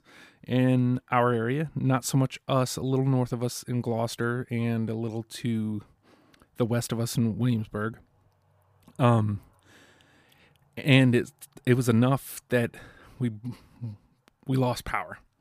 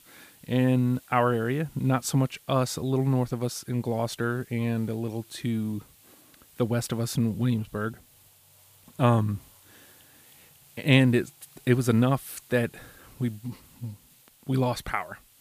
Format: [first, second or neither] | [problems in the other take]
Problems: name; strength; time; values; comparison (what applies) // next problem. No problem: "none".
first | hiss; faint; throughout; 25 dB below the speech